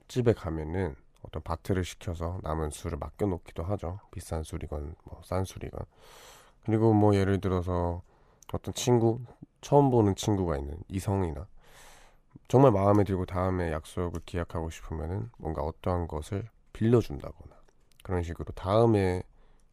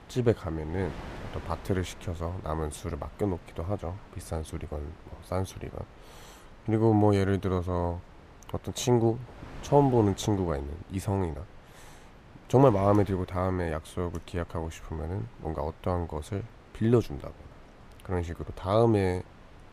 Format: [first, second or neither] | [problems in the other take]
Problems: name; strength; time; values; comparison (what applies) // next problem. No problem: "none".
first | wind noise on the microphone; occasional gusts; 20 dB below the speech